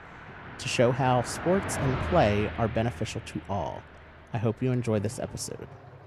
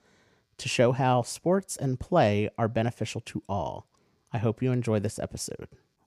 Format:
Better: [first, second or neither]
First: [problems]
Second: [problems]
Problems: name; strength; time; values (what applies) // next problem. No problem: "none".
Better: second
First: traffic noise; loud; throughout; 9 dB below the speech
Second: none